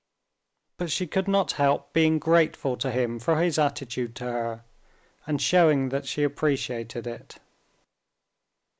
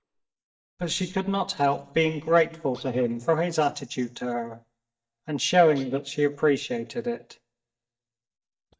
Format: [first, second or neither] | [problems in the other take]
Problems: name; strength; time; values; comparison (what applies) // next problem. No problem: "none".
first | noise reduction (neural mask model DeepFilterNet 3)